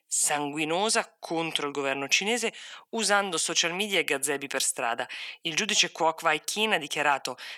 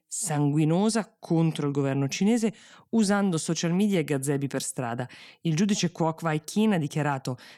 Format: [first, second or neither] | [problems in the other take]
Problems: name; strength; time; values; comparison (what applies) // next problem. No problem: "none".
second | thin; very; fading below 650 Hz